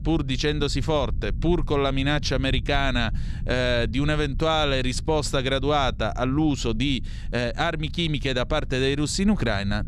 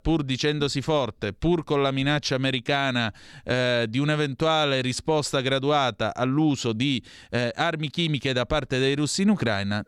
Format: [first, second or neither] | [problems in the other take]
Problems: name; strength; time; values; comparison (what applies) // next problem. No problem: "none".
second | low rumble; faint; throughout; 25 dB below the speech